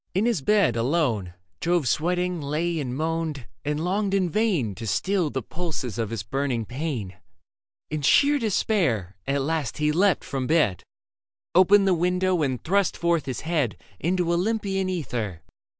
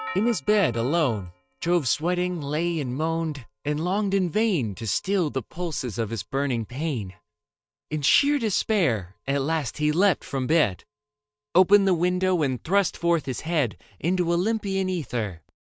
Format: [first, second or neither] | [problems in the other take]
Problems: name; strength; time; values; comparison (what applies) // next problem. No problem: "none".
first | noise reduction (neural mask model RNNoise)